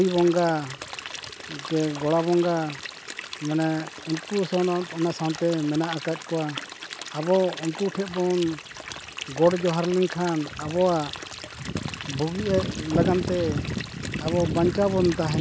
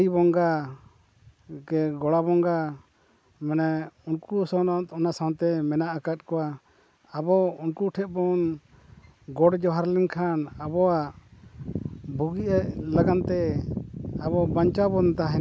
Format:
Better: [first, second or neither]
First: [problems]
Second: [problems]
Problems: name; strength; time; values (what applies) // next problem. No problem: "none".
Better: second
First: background sound (Stream); 13 dB below the speech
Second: none